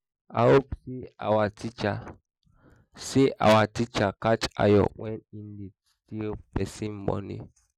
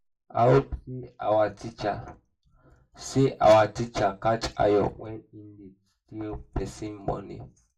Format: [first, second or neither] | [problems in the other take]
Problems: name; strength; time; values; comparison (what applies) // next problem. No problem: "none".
first | room echo; dies away in 0.2 s